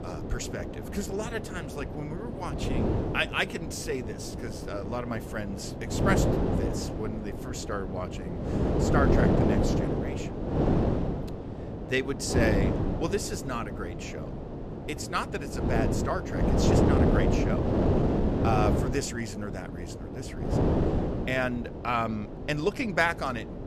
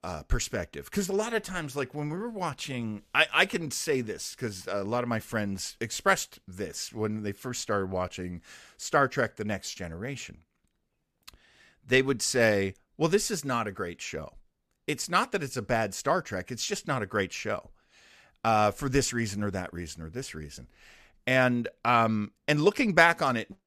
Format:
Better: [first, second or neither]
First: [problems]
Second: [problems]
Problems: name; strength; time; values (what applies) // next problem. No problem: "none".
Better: second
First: wind noise on the microphone; heavy; 1 dB below the speech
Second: none